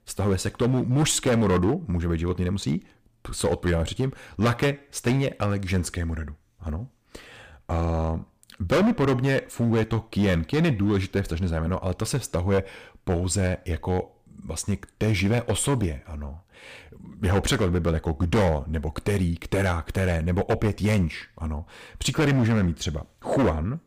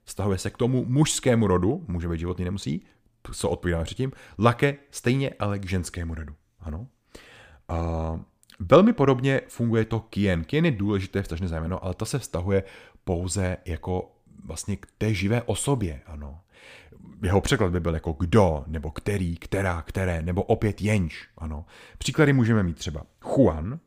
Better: second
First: distortion; heavy; 8% of the sound clipped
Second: none

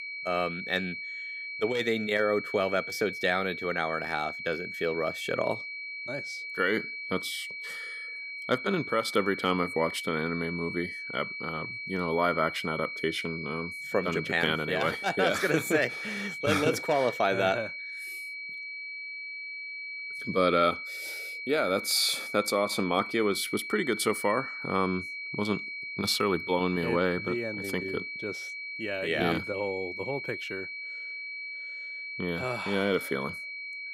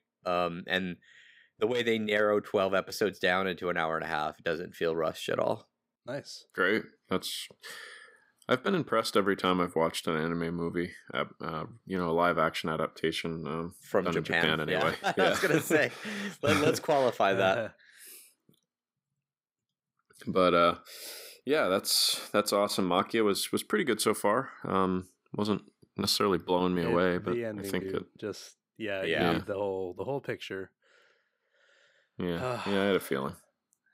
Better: second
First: high-pitched whine; loud; throughout; 2.5 kHz, 6 dB below the speech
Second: none

